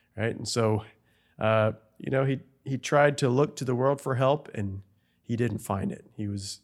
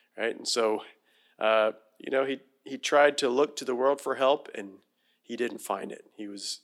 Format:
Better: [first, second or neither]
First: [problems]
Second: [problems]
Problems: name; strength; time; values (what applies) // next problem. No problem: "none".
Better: first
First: none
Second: thin; somewhat; fading below 300 Hz